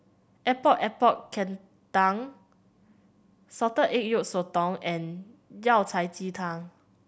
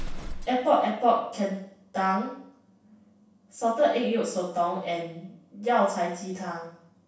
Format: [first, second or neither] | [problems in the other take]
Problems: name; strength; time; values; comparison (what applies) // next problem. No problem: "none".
first | background sound (Explosion); 14 dB below the speech // room echo; dies away in 0.7 s